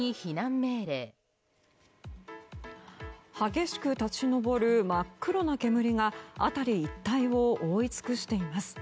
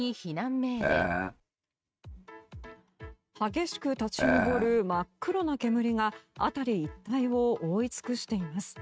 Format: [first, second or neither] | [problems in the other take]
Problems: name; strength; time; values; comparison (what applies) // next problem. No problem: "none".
first | noise reduction (neural mask model RNNoise)